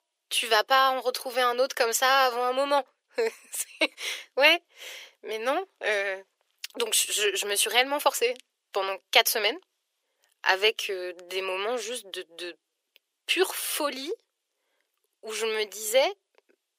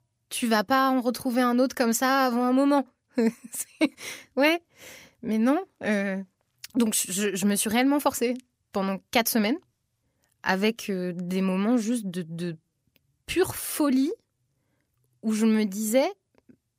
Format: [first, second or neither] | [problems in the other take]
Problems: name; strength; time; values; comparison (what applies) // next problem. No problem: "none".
second | thin; very; fading below 400 Hz